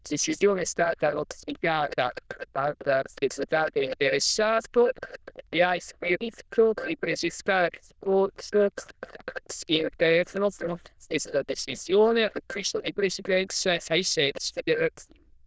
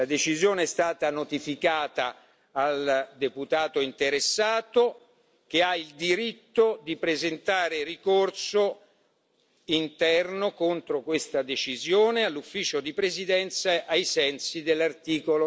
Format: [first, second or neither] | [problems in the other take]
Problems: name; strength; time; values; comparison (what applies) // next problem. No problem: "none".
second | noise reduction (neural diffusion model UNIVERSE++)